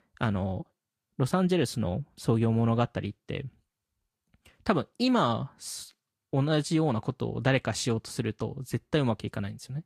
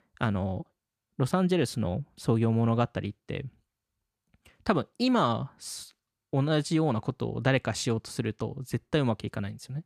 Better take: second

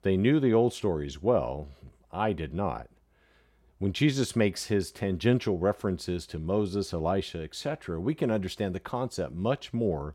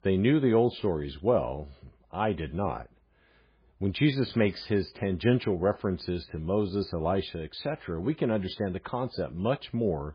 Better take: first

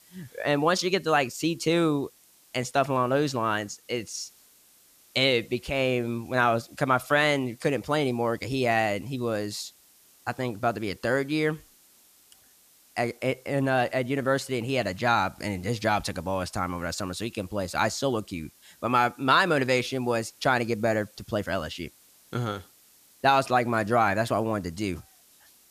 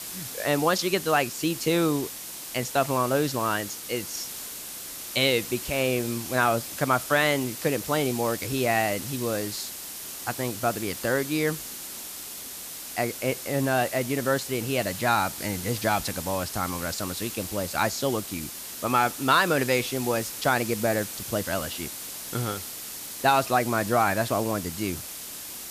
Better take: first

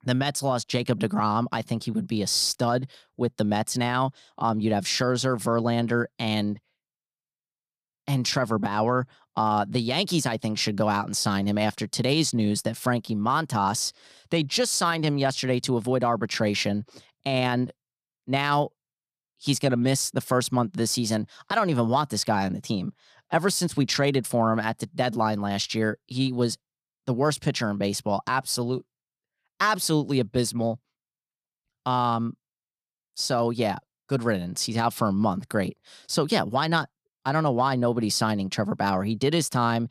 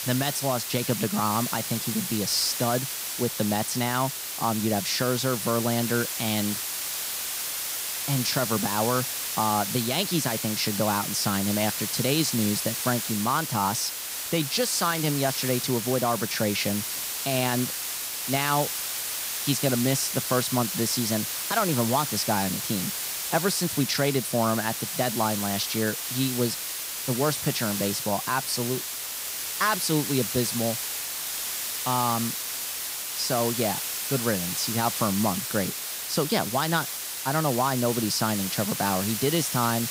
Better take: first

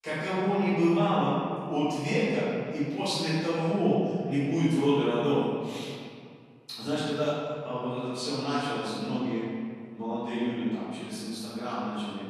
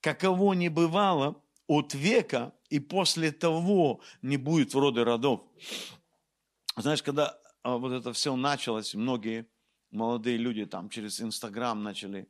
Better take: second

